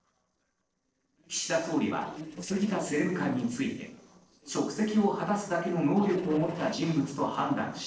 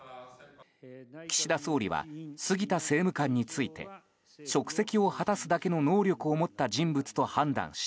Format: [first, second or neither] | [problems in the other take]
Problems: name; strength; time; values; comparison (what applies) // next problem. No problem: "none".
second | noise reduction (neural separator model SepFormer DNS4)